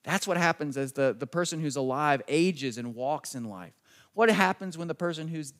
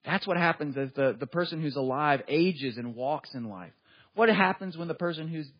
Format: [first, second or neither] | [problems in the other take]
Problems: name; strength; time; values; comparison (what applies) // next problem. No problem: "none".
first | garbled, watery; badly; nothing above 4 kHz